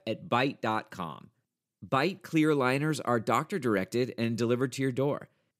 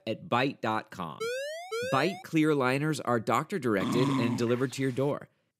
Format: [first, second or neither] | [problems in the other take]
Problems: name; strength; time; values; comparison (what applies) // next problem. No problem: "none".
first | siren; noticeable; from 1 to 2 s; peak 5 dB below the speech // dog barking; loud; at 4 s; peak level with the speech